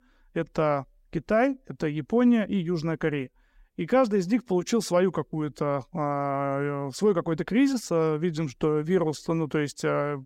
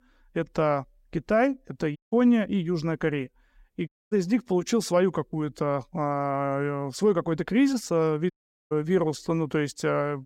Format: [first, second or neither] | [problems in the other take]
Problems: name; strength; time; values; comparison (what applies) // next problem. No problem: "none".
first | audio cutting out; at 2 s, at 4 s and at 8.5 s